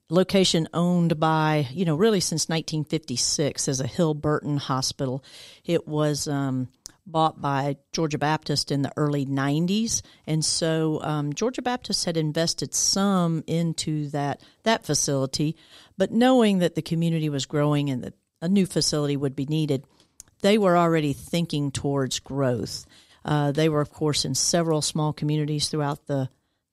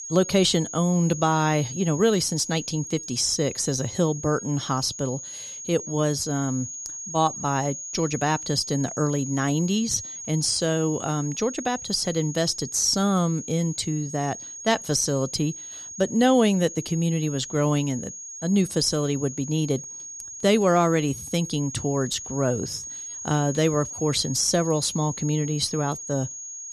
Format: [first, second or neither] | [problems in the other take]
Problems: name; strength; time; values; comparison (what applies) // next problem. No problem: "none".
first | high-pitched whine; loud; throughout; 6.5 kHz, 10 dB below the speech